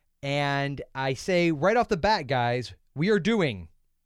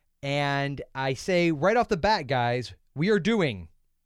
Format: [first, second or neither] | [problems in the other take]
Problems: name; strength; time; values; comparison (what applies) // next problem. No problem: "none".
neither | none